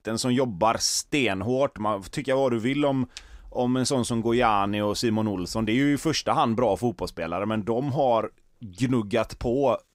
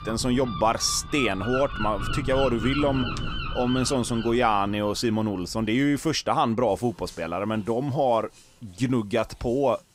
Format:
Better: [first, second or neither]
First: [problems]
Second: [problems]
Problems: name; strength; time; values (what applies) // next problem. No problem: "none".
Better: first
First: none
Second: animal sounds; loud; throughout; 8 dB below the speech